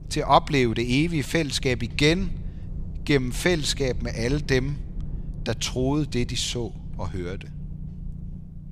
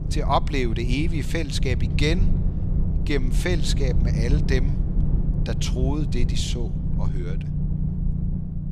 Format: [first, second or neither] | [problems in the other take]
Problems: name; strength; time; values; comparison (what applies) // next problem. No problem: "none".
first | low rumble; loud; throughout; 9 dB below the speech; faint in the first